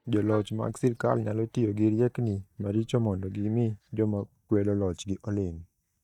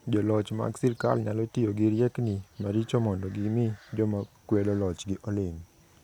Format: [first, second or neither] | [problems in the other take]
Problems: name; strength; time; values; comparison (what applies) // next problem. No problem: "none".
second | noise reduction (neural mask model DeepFilterNet 3)